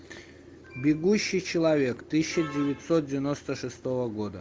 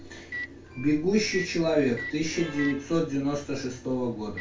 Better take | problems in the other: first | background sound (Microwave oven); 14 dB below the speech // room echo; dies away in 0.2 s

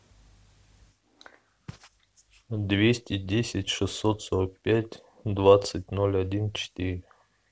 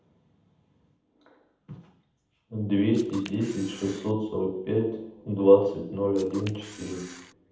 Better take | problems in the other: first | background sound (Camera); 18 dB below the speech // room echo; dies away in 0.8 s

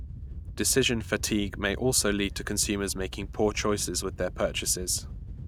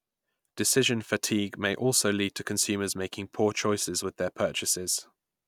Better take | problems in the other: second | background sound (Wind / Boat, Water vehicle); 10 dB below the speech

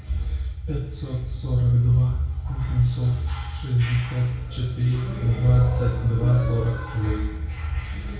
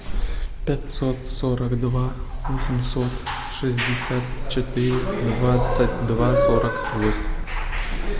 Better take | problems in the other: second | room echo; dies away in 0.6 s

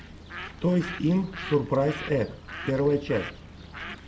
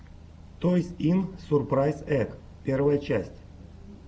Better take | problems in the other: second | background sound (Bird); 13 dB below the speech

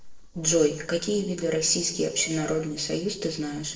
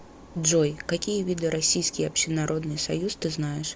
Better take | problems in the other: second | noise reduction (neural separator model SepFormer DNS4)

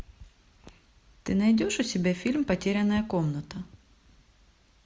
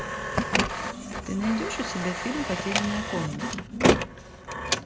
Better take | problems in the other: first | background sound (Printer); 5 dB above the speech

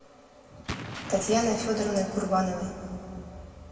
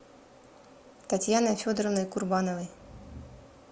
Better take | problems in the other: second | background sound (Explosion); 11 dB below the speech // room echo; dies away in 2.3 s

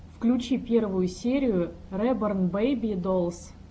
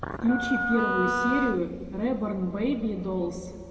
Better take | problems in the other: first | background sound (Wind instrument, woodwind instrument); 1 dB below the speech // room echo; dies away in 2.1 s

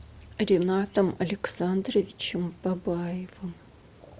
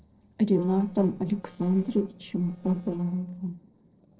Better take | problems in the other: first | noise reduction (neural separator model SepFormer DNS4)

